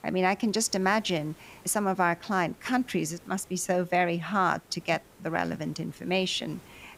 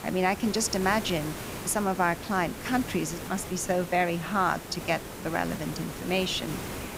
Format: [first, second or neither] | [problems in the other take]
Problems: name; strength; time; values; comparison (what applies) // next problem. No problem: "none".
first | hiss; loud; throughout; 9 dB below the speech; faint in the first